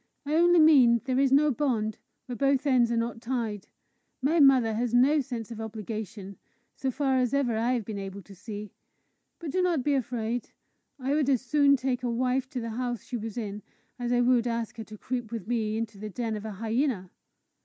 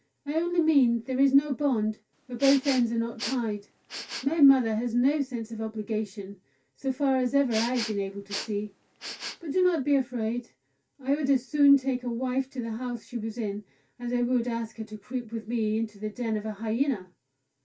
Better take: first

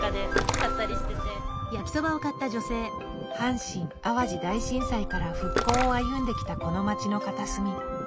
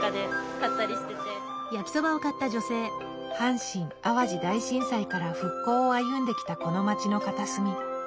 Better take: second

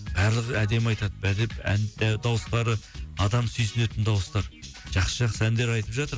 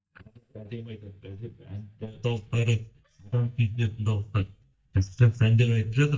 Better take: first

